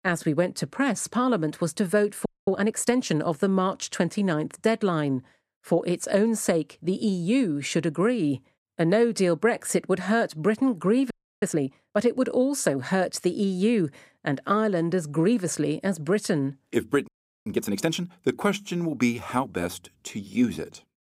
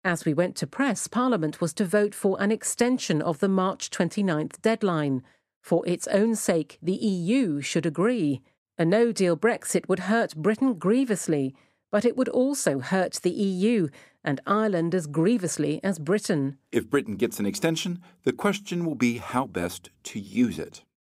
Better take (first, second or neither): second